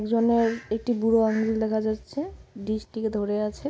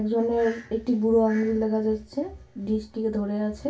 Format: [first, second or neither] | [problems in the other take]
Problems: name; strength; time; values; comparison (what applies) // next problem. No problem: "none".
first | room echo; dies away in 0.2 s